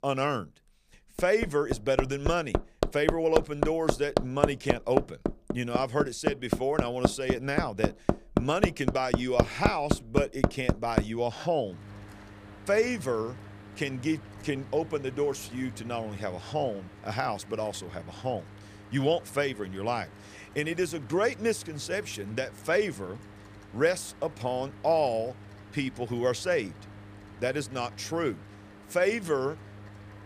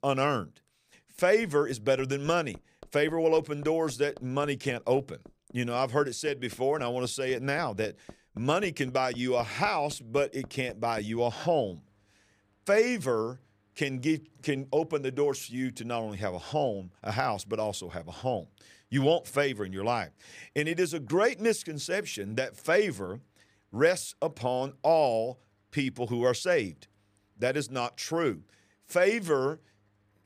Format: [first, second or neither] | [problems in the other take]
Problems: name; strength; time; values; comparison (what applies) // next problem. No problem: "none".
second | machinery noise; loud; throughout; 1 dB below the speech; faint in the second